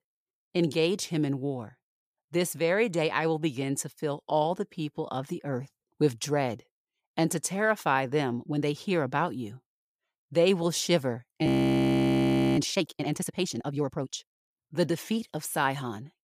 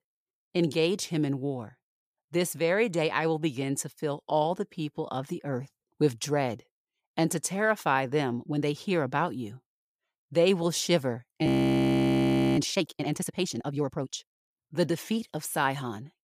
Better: neither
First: audio freezing; at 11 s for 1 s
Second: audio freezing; at 11 s for 1 s

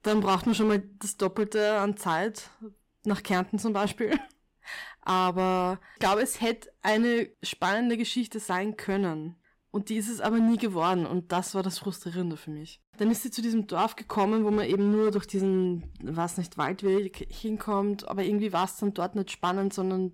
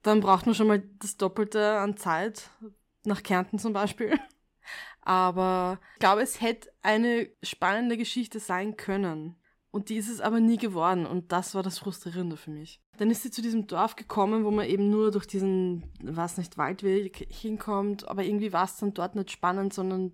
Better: second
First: distortion; slight; 5% of the sound clipped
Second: none

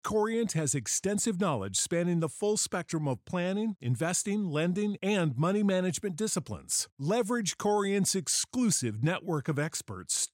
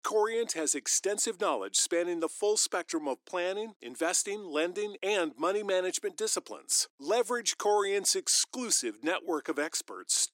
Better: first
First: none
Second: thin; very; fading below 300 Hz

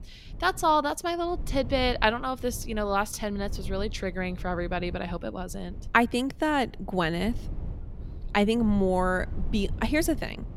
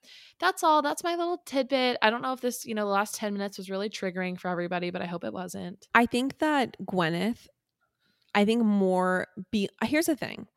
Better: second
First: low rumble; faint; throughout; 25 dB below the speech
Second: none

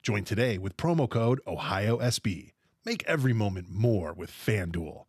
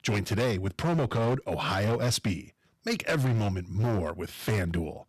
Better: first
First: none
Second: distortion; heavy; 15% of the sound clipped

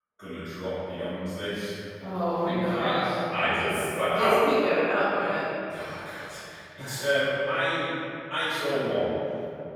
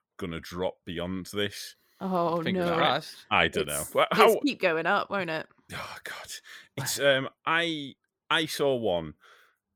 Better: second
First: off-mic speech; far // room echo; strong; dies away in 2.6 s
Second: none

